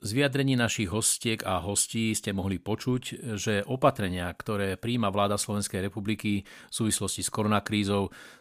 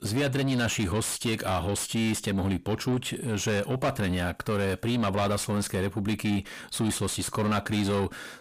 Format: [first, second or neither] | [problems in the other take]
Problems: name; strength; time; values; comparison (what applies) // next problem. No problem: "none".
first | distortion; heavy; 7 dB below the speech